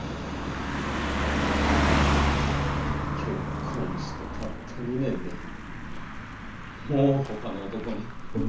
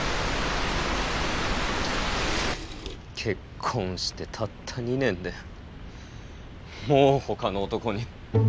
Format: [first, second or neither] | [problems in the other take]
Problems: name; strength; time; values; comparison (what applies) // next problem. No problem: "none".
second | background sound (Car passing by); 3 dB above the speech // room echo; dies away in 0.9 s